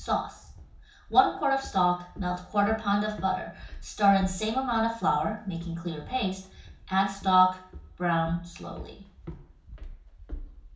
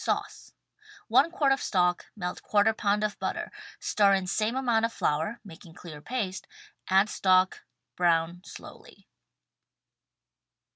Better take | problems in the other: second | background sound (Walk, footsteps); 15 dB below the speech // room echo; dies away in 0.7 s

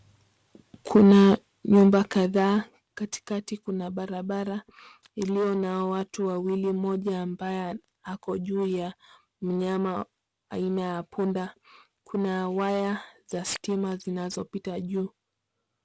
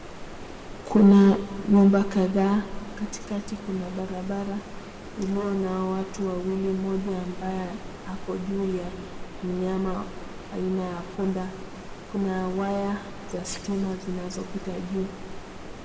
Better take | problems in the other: first | background sound (Stream); 12 dB below the speech // room echo; dies away in 1.5 s

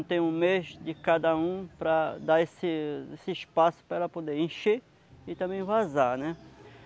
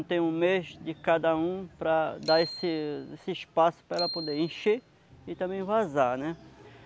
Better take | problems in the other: first | background sound (Bicycle bell); 12 dB below the speech

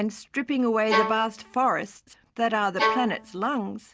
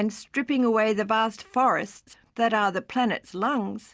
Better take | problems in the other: second | background sound (Bowed string instrument); 1 dB below the speech

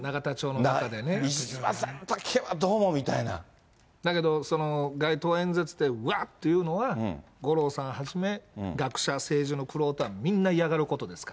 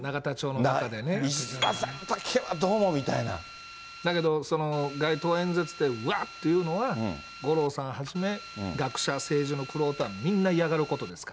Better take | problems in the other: first | background sound (Piano + Drill); 13 dB below the speech

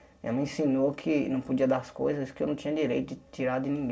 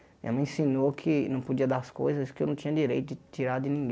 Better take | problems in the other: second | room echo; dies away in 0.2 s

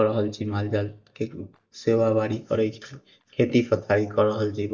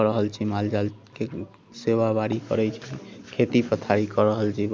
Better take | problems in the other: second | noise reduction (neural mask model DeepFilterNet 3)

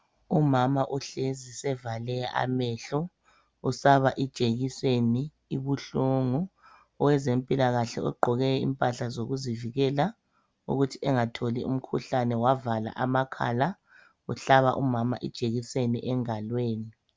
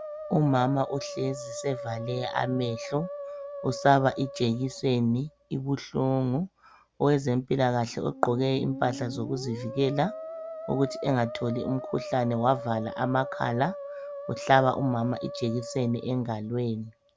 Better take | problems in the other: first | background sound (Musical instrument); 12 dB below the speech

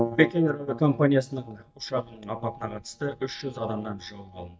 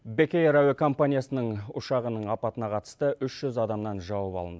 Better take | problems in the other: second | noise reduction (neural mask model DeepFilterNet 3)

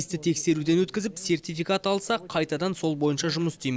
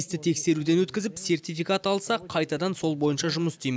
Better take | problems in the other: second | noise reduction (neural separator model SepFormer DNS4)

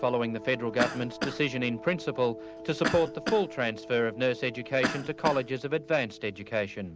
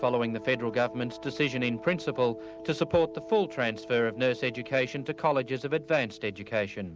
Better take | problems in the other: second | background sound (Cough); 7 dB below the speech

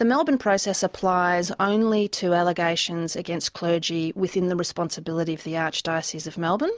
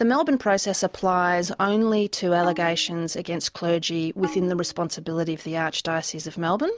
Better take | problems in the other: first | background sound (Tabla); 16 dB below the speech

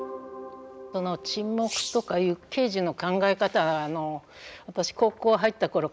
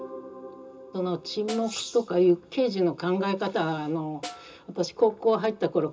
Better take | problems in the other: first | background sound (Snare drum); 17 dB below the speech // room echo; dies away in 0.2 s

